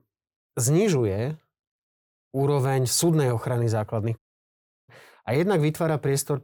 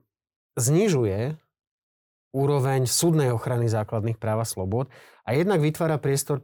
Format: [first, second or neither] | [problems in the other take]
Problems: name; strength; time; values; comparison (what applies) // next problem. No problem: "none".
second | audio cutting out; at 4 s for 0.5 s